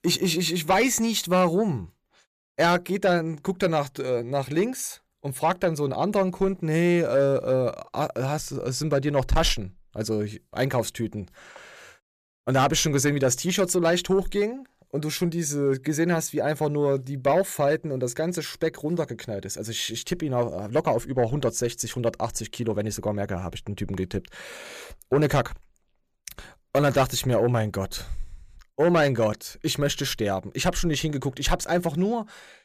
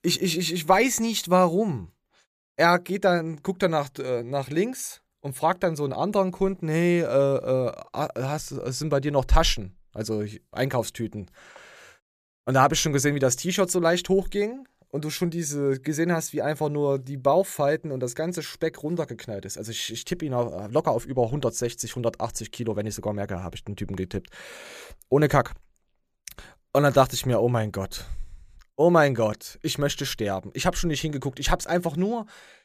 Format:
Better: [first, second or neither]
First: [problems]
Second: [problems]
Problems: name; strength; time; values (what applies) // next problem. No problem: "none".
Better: second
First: distortion; slight; 10 dB below the speech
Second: none